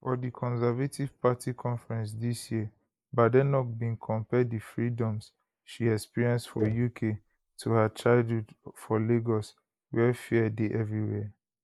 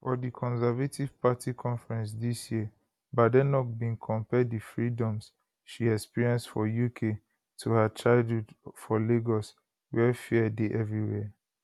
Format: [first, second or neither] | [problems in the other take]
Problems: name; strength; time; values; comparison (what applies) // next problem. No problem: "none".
second | noise reduction (neural mask model Resemble Enhance denoiser)